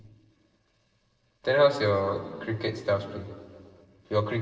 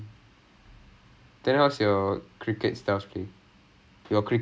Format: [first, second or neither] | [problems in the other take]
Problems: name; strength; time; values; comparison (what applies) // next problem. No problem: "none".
second | noise reduction (neural separator model SepFormer DNS4)